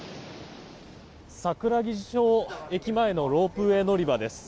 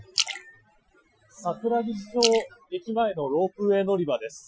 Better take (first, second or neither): first